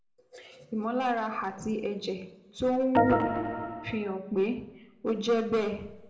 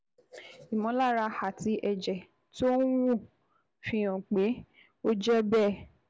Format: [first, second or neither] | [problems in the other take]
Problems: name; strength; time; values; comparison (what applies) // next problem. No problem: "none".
second | background sound (Organ); 3 dB above the speech // room echo; dies away in 0.8 s